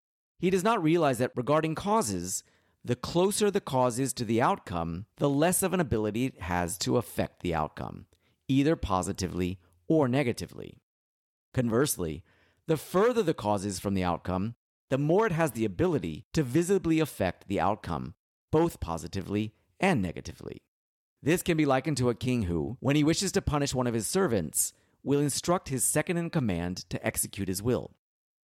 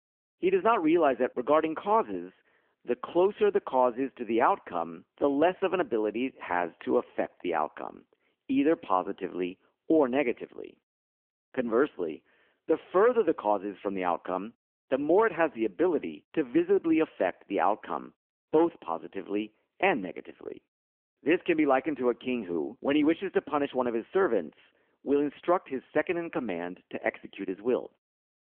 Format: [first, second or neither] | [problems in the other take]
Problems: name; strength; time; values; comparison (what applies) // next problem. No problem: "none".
first | phone-call audio